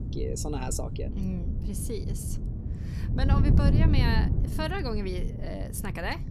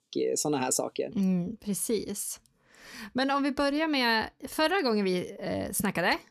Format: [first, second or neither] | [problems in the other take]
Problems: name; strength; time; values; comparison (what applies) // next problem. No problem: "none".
second | wind noise on the microphone; heavy; 5 dB below the speech